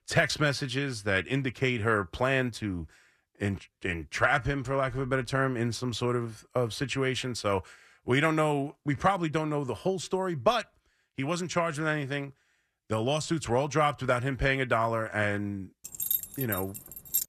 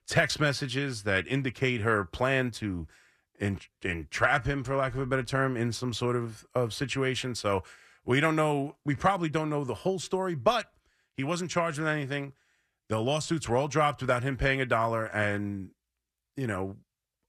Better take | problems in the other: second | jangling keys; loud; from 16 s on; peak level with the speech

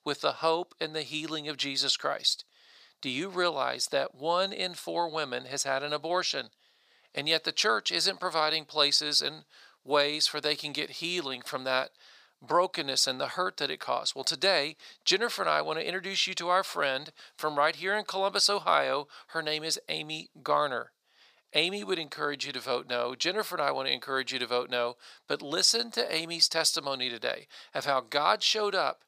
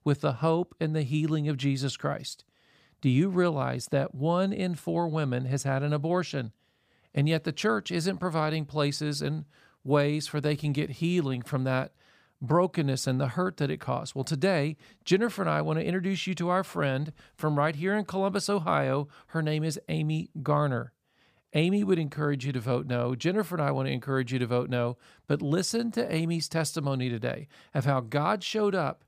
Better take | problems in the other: second | thin; very; fading below 600 Hz

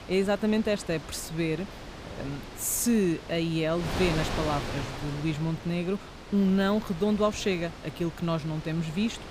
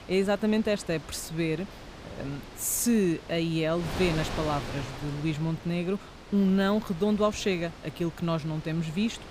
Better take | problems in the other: second | wind noise on the microphone; heavy; 8 dB below the speech; occasional gusts in the second

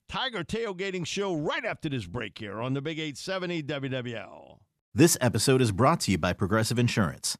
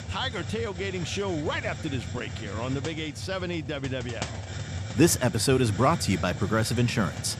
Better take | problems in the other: first | hiss; loud; throughout; 9 dB below the speech

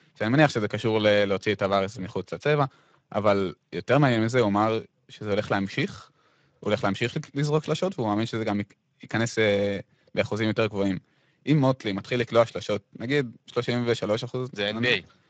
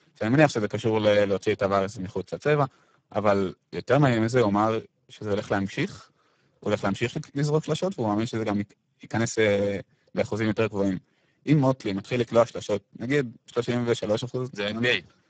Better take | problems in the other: first | garbled, watery; badly; nothing above 7.5 kHz; slightly in the first

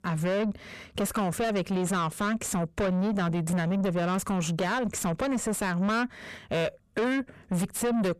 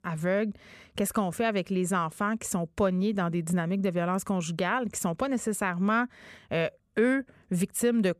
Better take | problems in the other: second | distortion; heavy; 7 dB below the speech

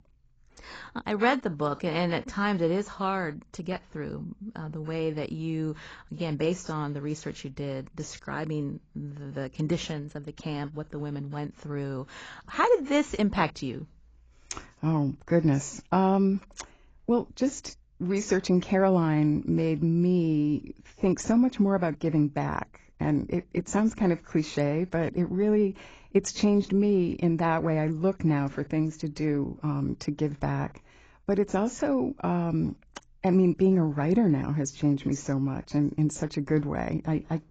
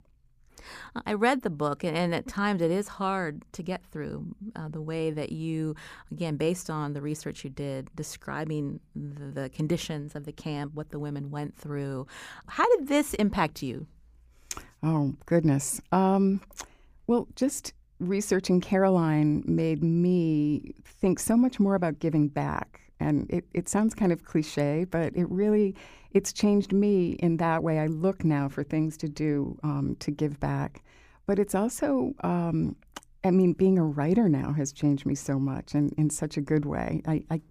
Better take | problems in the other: second | garbled, watery; badly; nothing above 7.5 kHz

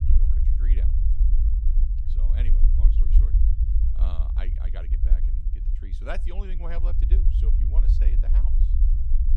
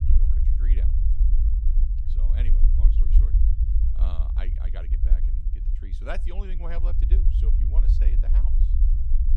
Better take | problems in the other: neither | low rumble; loud; throughout; 2 dB below the speech; the same in both

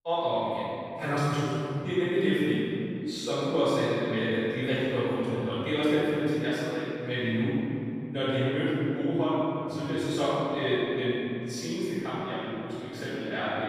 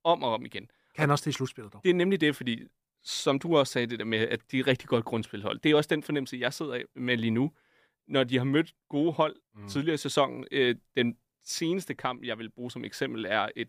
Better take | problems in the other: second | off-mic speech; far // room echo; strong; dies away in 2.9 s

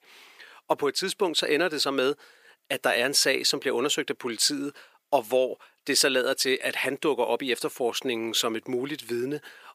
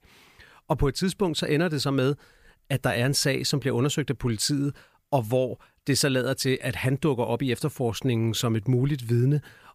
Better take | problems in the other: second | thin; somewhat; fading below 350 Hz

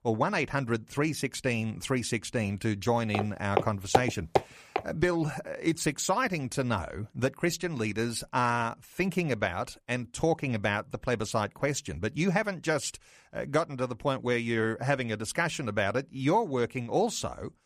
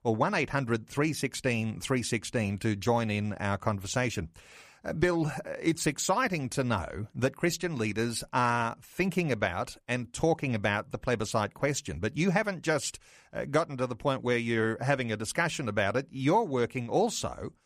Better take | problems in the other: second | footsteps; loud; from 3 to 5 s; peak 2 dB above the speech

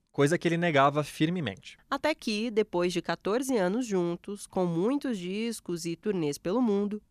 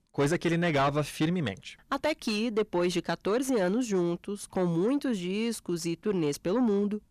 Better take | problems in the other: first | distortion; slight; 10 dB below the speech

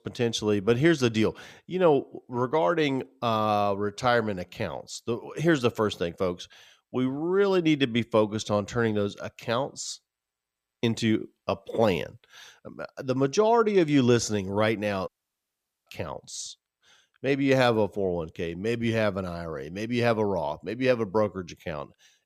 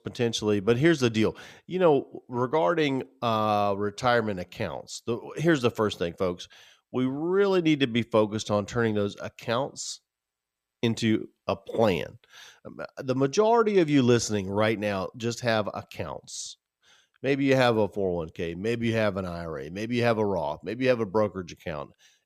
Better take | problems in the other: second | audio cutting out; at 15 s for 1 s

